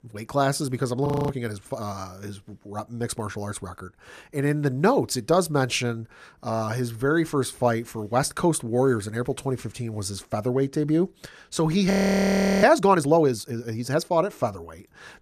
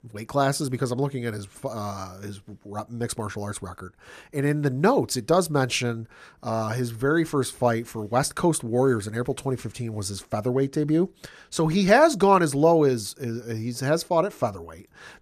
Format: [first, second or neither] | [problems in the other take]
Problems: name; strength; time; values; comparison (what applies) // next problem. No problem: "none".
second | audio freezing; at 1 s and at 12 s for 0.5 s